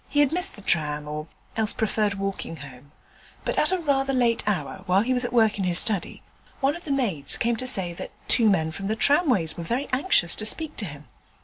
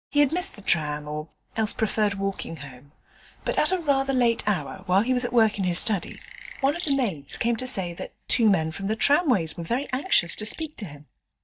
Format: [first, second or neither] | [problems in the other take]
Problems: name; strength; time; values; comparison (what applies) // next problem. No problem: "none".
first | noise reduction (neural mask model DeepFilterNet 3)